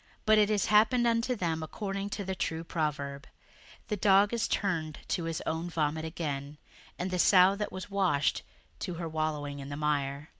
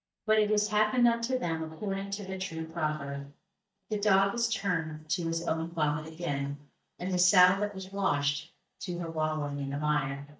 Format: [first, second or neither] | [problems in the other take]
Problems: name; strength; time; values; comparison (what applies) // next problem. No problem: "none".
first | noise reduction (neural mask model DeepFilterNet 3)